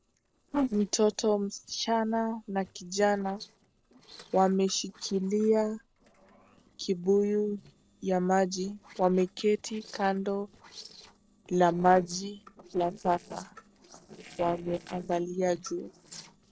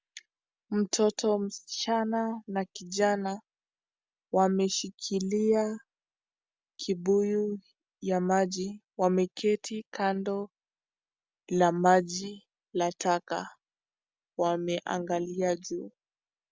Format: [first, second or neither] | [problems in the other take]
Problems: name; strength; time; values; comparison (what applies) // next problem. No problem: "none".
second | noise reduction (neural separator model SepFormer DNS4)